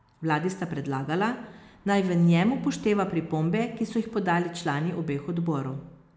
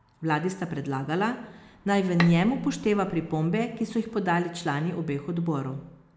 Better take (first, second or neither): first